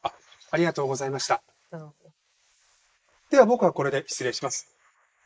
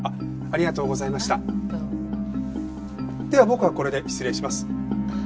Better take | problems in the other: second | noise reduction (neural mask model Resemble Enhance denoiser)

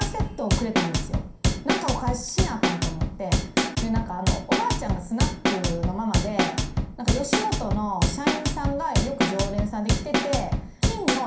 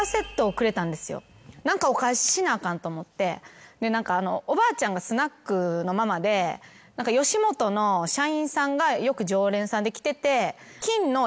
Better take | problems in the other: second | background sound (Drum / Drum kit); 5 dB above the speech // room echo; dies away in 0.5 s

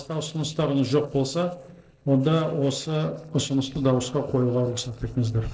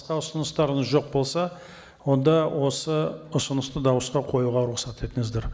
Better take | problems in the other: second | noise reduction (neural separator model SepFormer DNS4)

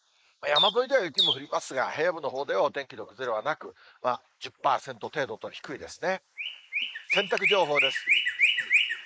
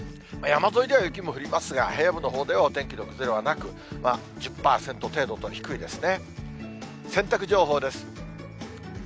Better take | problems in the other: second | noise reduction (neural mask model Resemble Enhance denoiser)

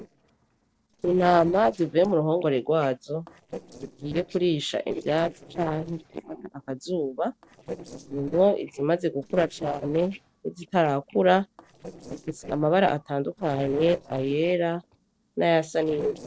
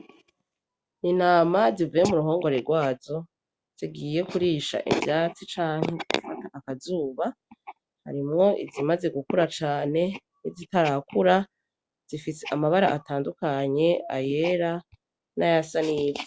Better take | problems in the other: second | noise reduction (neural separator model SepFormer DNS4)

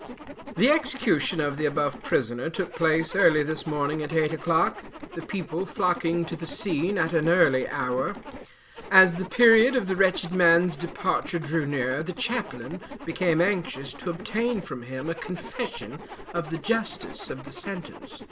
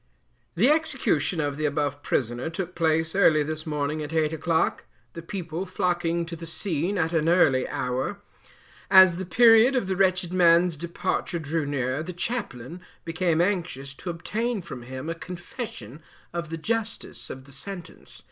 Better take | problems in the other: second | background sound (Zipper (clothing)); 14 dB below the speech

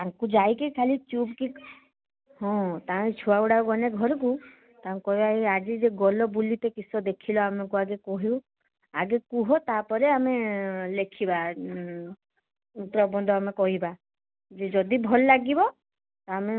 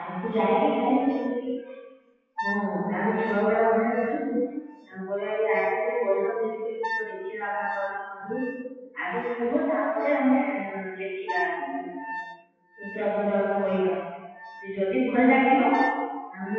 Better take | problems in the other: first | noise reduction (classical method WPE with log-MMSE)

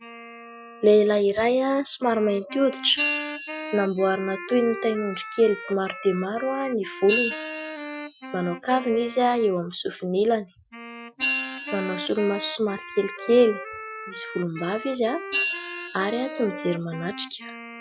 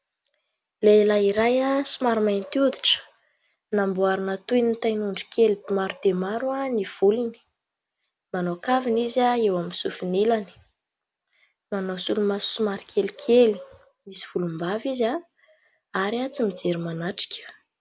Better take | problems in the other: second | noise reduction (classical method Wiener filter)

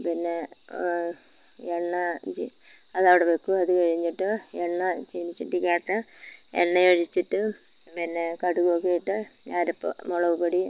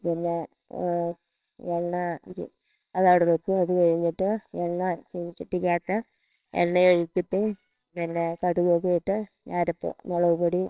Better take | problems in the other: first | noise reduction (neural separator model SepFormer WHAMR!)

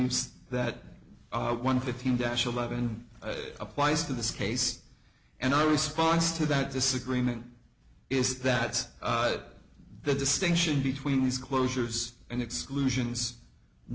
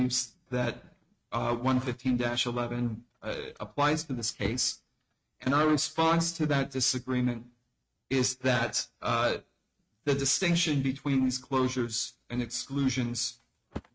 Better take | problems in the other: first | noise reduction (neural mask model RNNoise)

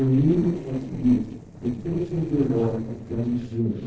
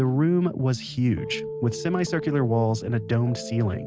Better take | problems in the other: second | noise reduction (neural separator model SepFormer DNS4)

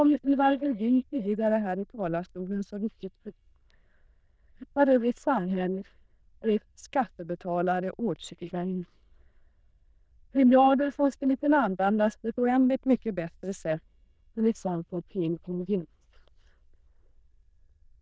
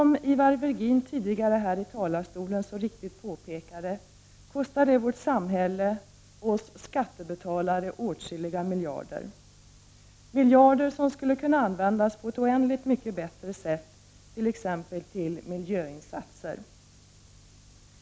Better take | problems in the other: second | noise reduction (neural diffusion model UNIVERSE++)

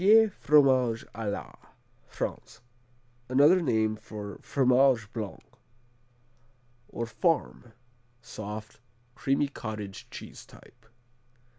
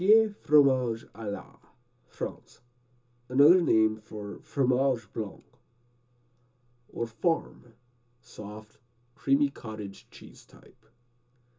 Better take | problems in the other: first | room echo; dies away in 0.2 s

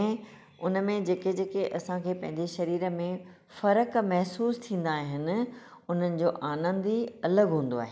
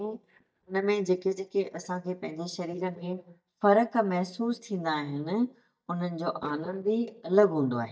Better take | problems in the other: first | noise reduction (neural mask model DeepFilterNet 3)

